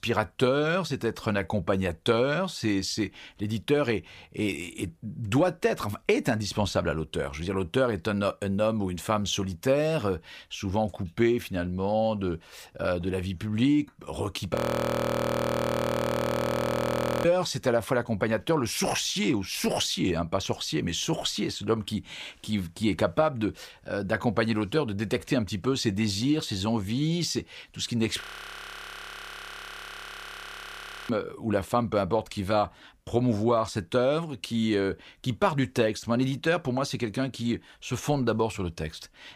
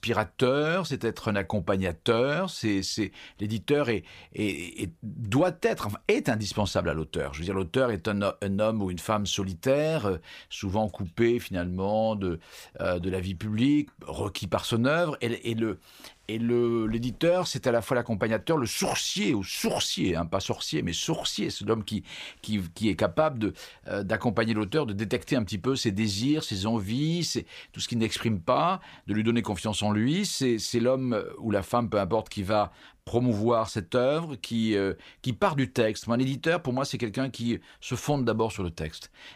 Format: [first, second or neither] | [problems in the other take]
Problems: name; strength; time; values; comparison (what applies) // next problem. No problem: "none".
second | audio freezing; at 15 s for 2.5 s and at 28 s for 3 s